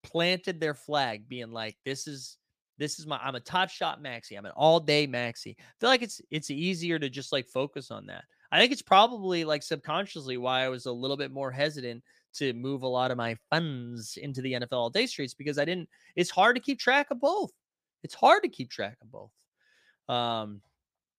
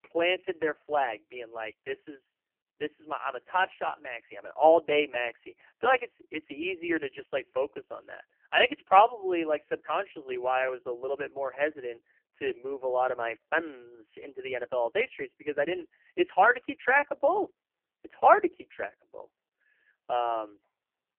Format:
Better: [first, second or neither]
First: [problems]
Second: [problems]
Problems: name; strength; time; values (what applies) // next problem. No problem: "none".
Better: first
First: none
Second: phone-call audio; poor line; nothing above 3 kHz